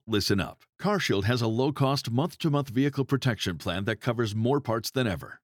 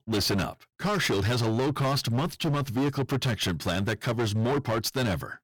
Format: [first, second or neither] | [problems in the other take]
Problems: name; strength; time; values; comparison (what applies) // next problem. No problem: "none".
first | distortion; heavy; 25% of the sound clipped